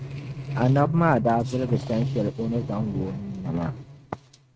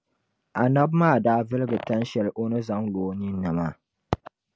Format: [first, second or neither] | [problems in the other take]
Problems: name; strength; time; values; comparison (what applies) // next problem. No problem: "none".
second | noise reduction (neural mask model RNNoise)